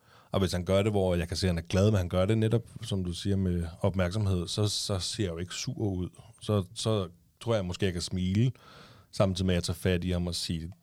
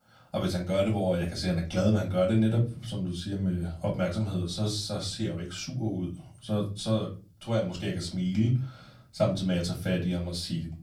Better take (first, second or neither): first